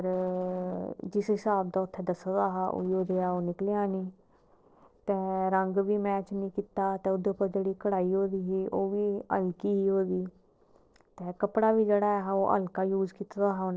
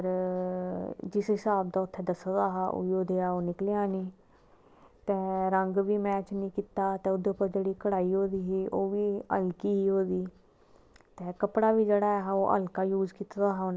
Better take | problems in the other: second | noise reduction (neural separator model SepFormer DNS4)

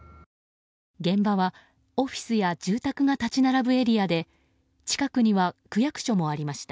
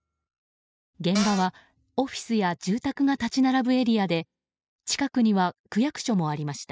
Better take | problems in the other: first | noise reduction (classical method spectral subtraction)

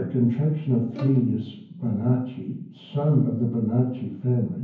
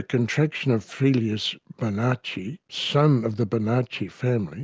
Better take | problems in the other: second | background sound (Bowed string instrument); 19 dB below the speech // room echo; dies away in 0.9 s

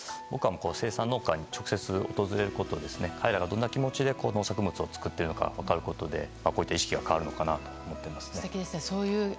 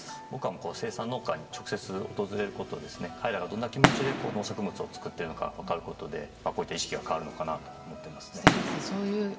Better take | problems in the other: first | background sound (Fireworks); as loud as the speech // room echo; dies away in 2.3 s

